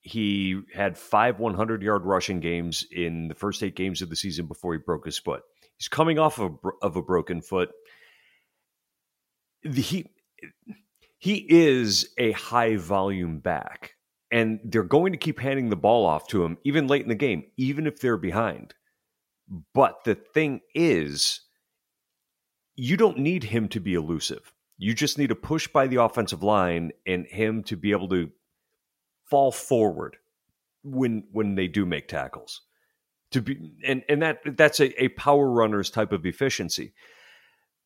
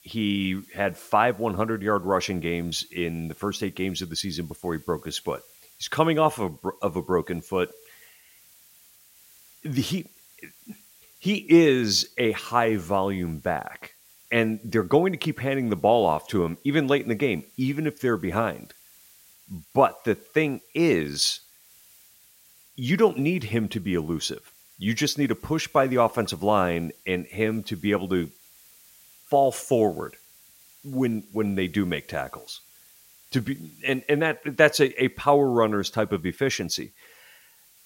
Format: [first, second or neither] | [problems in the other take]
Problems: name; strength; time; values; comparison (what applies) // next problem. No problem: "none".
first | hiss; faint; throughout; 25 dB below the speech